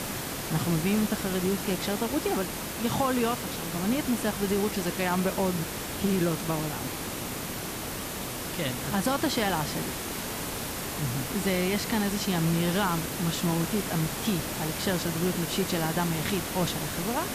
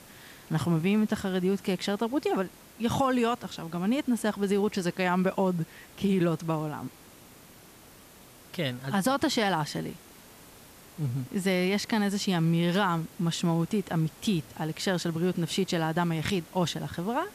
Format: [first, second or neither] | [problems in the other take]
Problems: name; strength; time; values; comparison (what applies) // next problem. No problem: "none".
second | hiss; loud; throughout; 3 dB below the speech; faint in the second